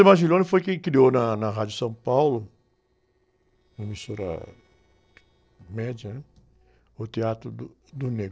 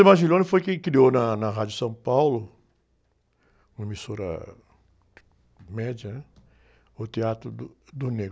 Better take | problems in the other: second | noise reduction (neural separator model SepFormer DNS4)

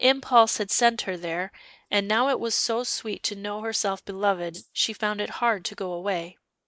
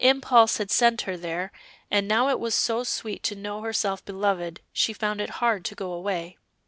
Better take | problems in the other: second | noise reduction (neural mask model Resemble Enhance denoiser)

